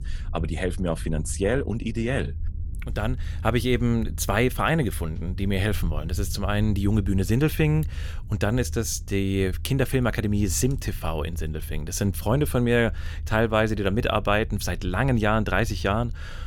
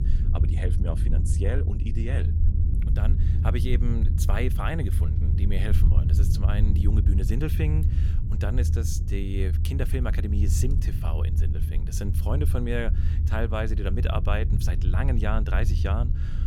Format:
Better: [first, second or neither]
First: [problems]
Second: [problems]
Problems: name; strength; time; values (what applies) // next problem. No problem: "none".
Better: first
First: low rumble; faint; throughout; 25 dB below the speech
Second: low rumble; loud; throughout; 6 dB below the speech